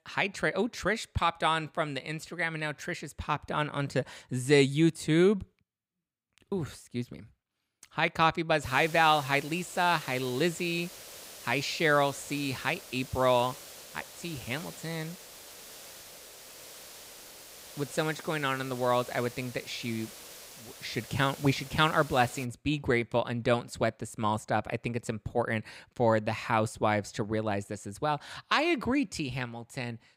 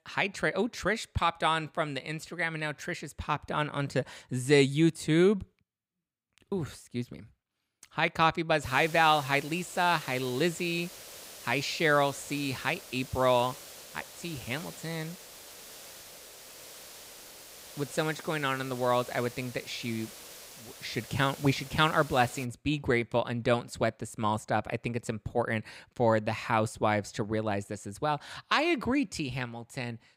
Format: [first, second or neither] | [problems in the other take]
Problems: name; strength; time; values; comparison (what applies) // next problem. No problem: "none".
neither | hiss; noticeable; from 8.5 to 22 s; 15 dB below the speech; the same in both